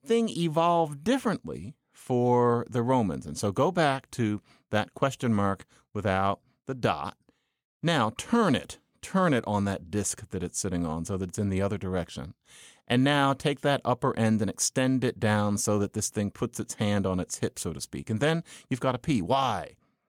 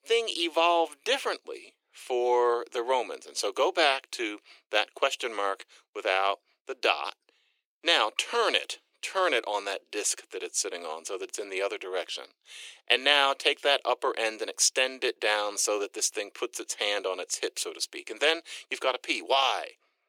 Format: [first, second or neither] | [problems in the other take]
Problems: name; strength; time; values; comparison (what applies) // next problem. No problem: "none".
first | thin; very; fading below 350 Hz